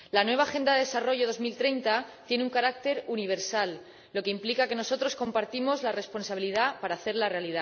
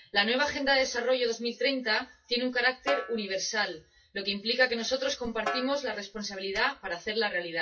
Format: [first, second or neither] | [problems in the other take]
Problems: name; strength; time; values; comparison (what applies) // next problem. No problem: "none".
first | noise reduction (classical method WPE with log-MMSE)